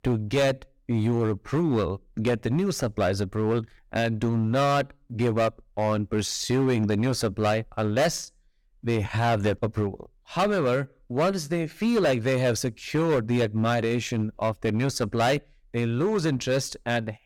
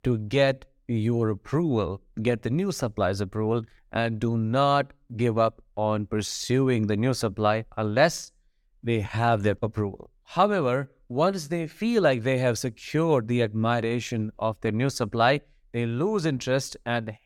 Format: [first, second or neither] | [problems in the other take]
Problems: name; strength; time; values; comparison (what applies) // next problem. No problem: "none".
second | distortion; slight; 9% of the sound clipped